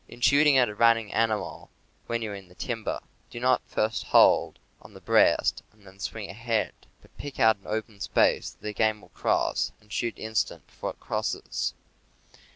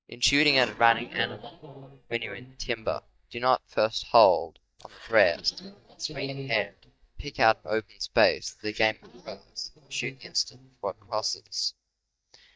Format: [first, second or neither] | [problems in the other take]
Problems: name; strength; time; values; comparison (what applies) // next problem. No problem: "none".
first | noise reduction (neural mask model DeepFilterNet 3)